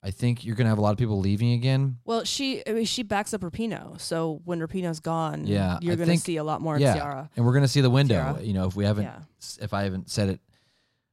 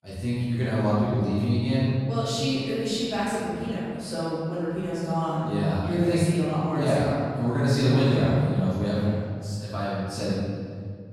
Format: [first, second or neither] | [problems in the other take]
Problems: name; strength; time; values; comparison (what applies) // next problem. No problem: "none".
first | off-mic speech; far // room echo; strong; dies away in 1.8 s